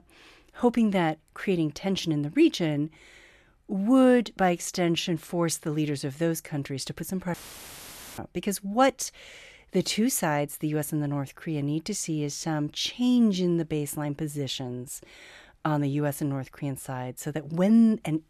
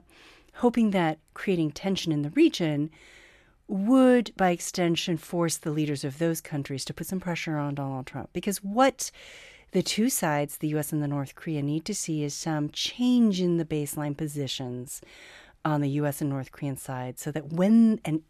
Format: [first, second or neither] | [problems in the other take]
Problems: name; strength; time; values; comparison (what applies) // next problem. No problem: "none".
second | audio cutting out; filled with static; at 7.5 s for 1 s